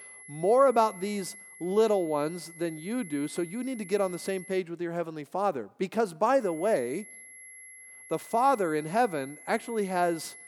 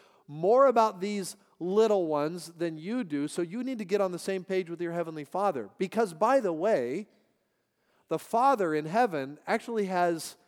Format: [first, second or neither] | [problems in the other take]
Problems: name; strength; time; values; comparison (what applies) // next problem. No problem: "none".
second | high-pitched whine; noticeable; until 4.5 s and from 6.5 s on; 2 kHz, 15 dB below the speech